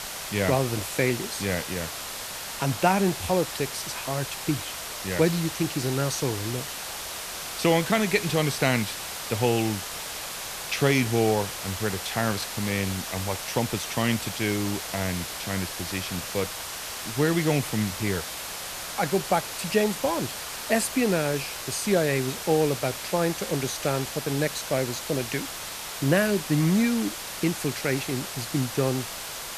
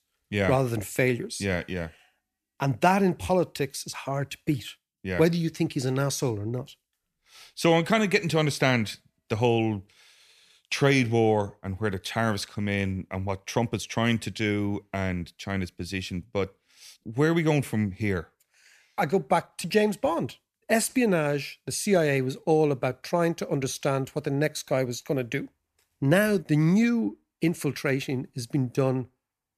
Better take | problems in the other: second | hiss; loud; throughout; 6 dB below the speech

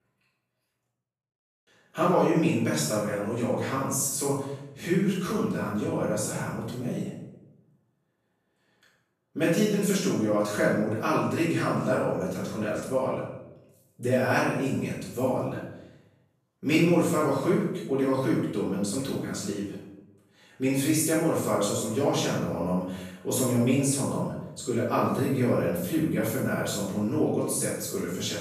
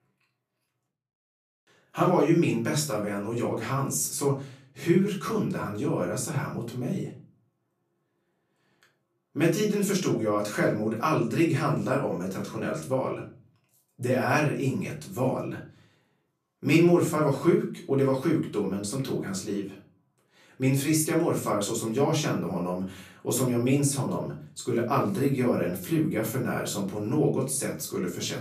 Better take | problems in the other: second | room echo; strong; dies away in 0.8 s; slight in the second // off-mic speech; far; far in the second

